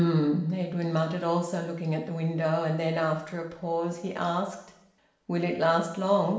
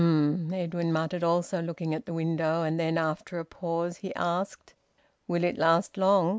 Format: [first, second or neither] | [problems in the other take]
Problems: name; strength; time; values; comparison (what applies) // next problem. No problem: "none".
second | room echo; dies away in 0.7 s